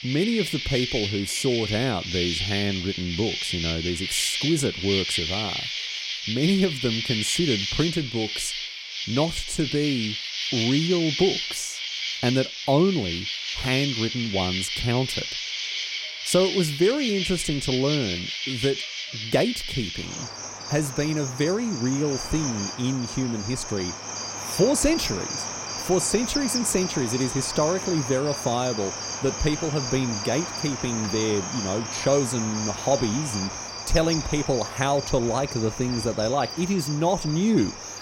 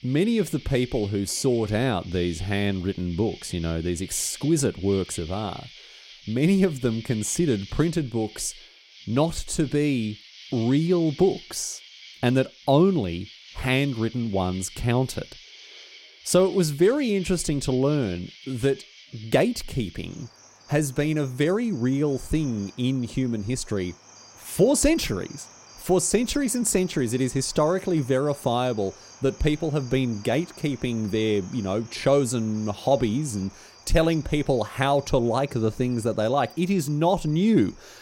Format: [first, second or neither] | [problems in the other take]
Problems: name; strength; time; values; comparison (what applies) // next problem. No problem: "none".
second | animal sounds; loud; throughout; 3 dB below the speech; faint in the second